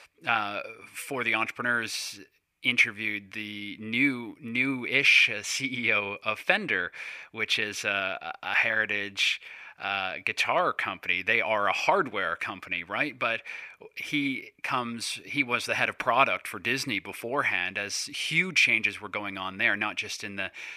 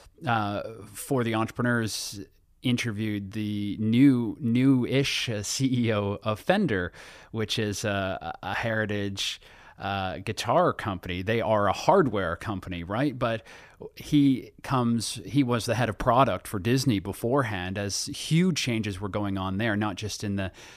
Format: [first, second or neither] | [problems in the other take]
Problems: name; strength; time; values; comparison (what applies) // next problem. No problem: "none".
second | thin; somewhat; fading below 950 Hz